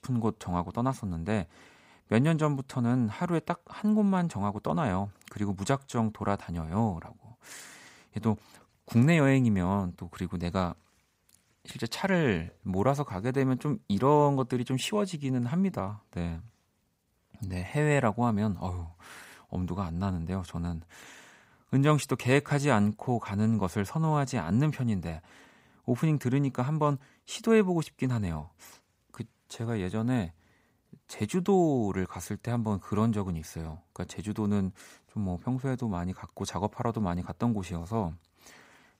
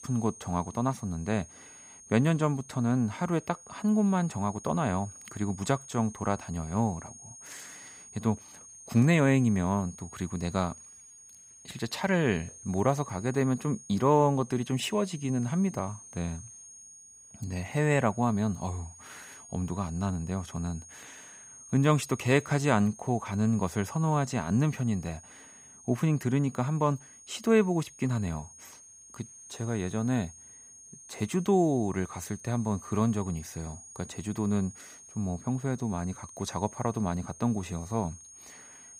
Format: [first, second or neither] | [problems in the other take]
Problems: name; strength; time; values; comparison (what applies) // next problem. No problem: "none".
first | high-pitched whine; noticeable; throughout; 6.5 kHz, 20 dB below the speech